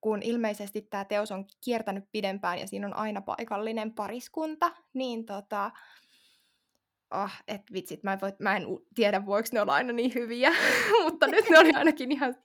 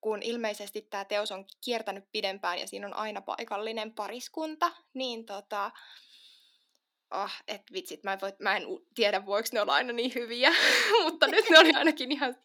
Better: first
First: none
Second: thin; very slightly; fading below 250 Hz

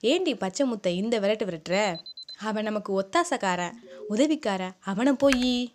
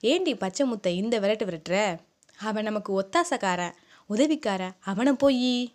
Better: second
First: alarm; faint; at 1.5 s and at 3.5 s; peak 15 dB below the speech // keyboard typing; noticeable; at 5.5 s; peak 6 dB below the speech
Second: none

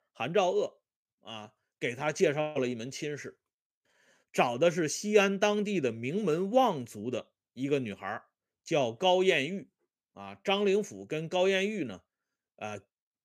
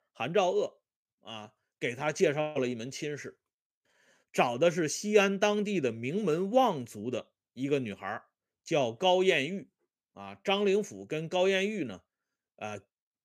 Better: neither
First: none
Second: none

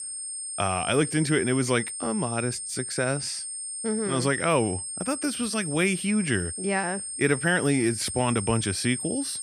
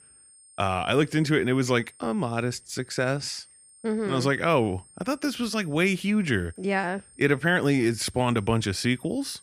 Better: second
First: high-pitched whine; loud; throughout; 8.5 kHz, 5 dB below the speech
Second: high-pitched whine; faint; throughout; 8.5 kHz, 25 dB below the speech

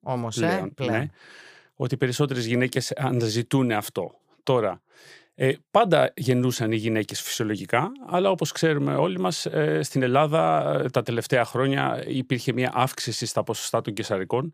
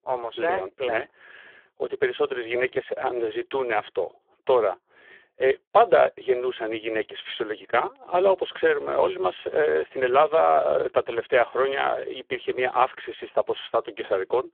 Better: first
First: none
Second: phone-call audio; poor line

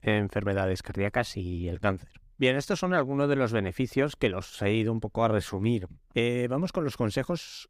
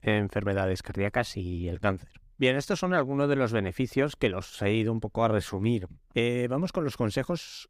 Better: neither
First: none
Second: none

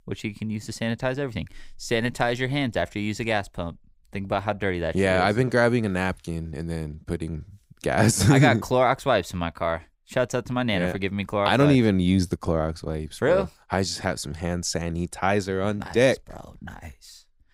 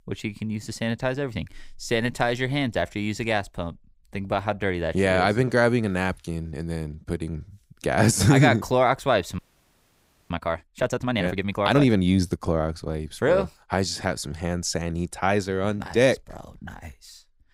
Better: first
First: none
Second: audio freezing; at 9.5 s for 1 s

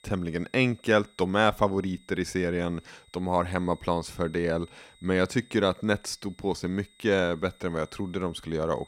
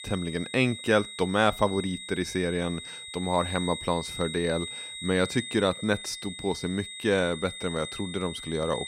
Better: first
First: high-pitched whine; faint; throughout; 4 kHz, 30 dB below the speech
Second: high-pitched whine; loud; throughout; 4 kHz, 9 dB below the speech

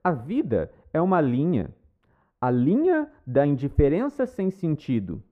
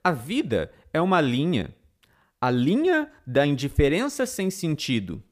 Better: second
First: muffled; very; fading above 2 kHz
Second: none

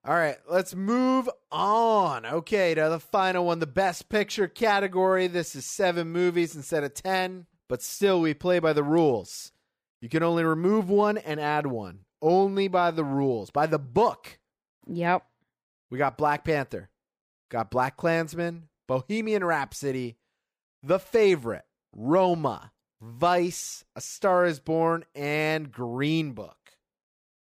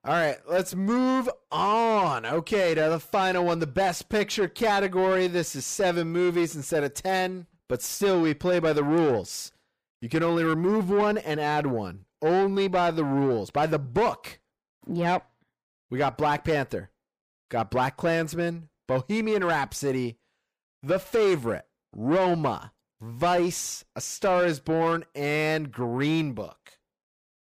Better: first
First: none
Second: distortion; slight; 10 dB below the speech

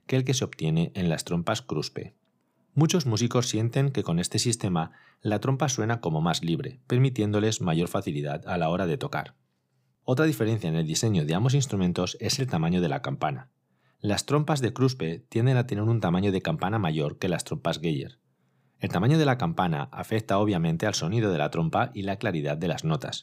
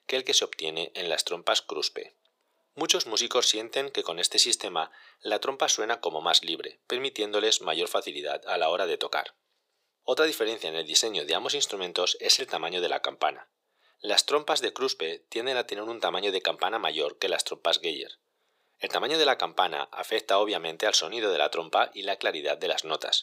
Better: first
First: none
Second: thin; very; fading below 450 Hz

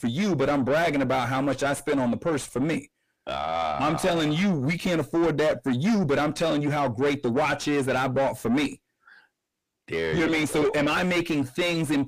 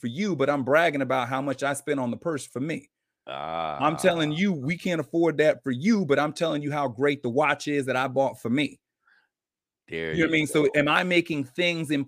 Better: second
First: distortion; heavy; 5 dB below the speech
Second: none

